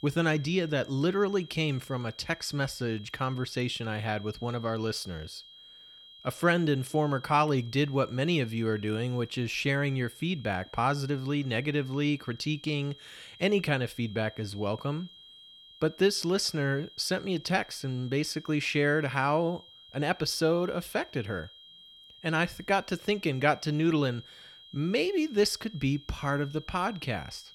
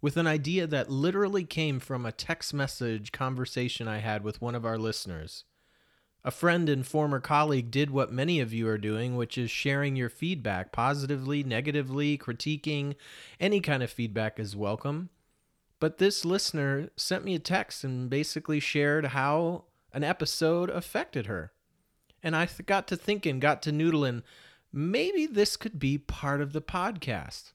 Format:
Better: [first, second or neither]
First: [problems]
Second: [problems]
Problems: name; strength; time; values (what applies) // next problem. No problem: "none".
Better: second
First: high-pitched whine; faint; throughout; 3 kHz, 20 dB below the speech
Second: none